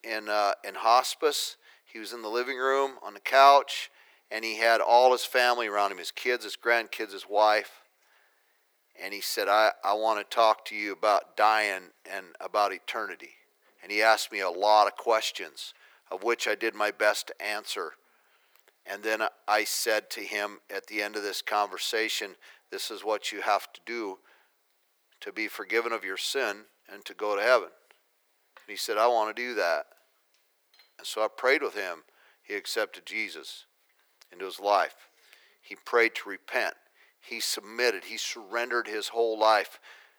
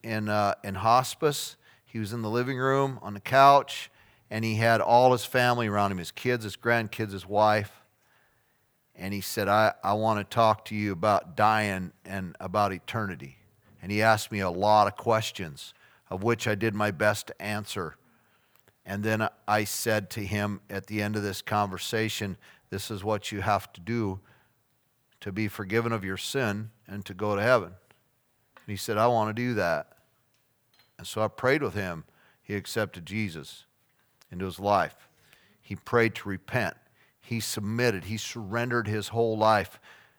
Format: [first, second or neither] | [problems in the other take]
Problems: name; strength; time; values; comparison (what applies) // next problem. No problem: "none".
second | thin; very; fading below 350 Hz